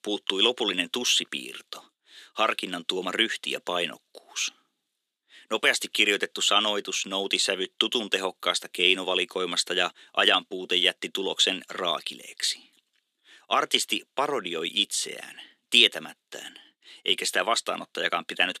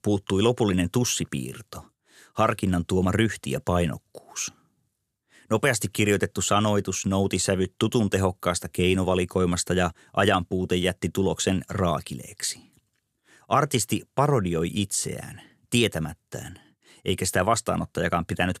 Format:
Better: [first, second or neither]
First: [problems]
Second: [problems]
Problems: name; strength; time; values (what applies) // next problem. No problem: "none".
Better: second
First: thin; somewhat; fading below 250 Hz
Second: none